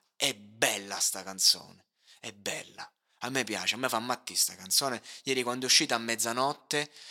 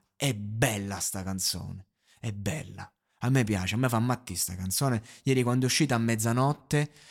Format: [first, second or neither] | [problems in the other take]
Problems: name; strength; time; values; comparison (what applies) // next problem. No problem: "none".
second | thin; somewhat; fading below 400 Hz